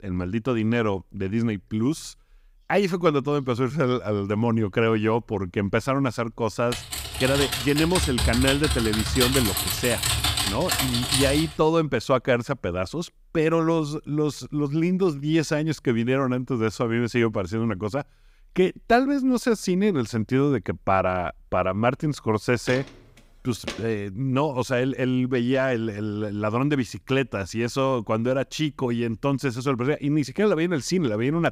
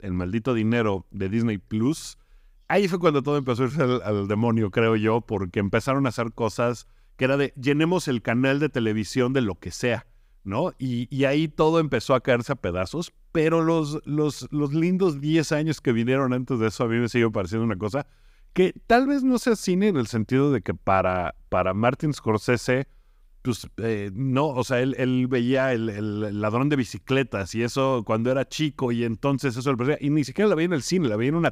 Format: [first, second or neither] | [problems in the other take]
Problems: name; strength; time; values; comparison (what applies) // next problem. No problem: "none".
second | keyboard typing; loud; from 6.5 to 11 s; peak 3 dB above the speech // footsteps; faint; from 23 to 24 s; peak 10 dB below the speech